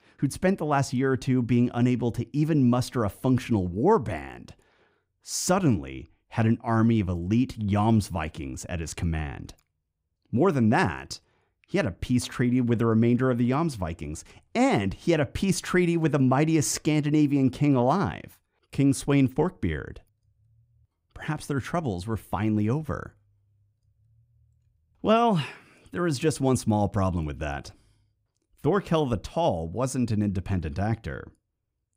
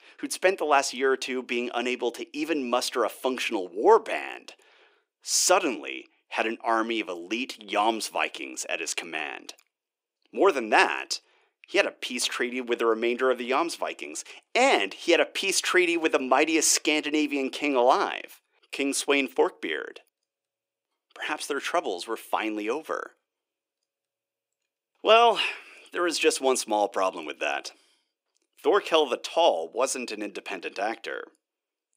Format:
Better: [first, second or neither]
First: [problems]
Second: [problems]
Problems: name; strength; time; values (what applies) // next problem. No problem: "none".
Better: first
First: none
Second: thin; very; fading below 350 Hz